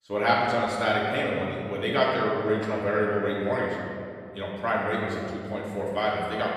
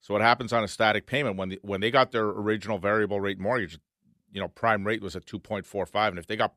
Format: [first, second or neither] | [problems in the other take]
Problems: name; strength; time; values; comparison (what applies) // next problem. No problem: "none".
second | off-mic speech; far // room echo; noticeable; dies away in 2.1 s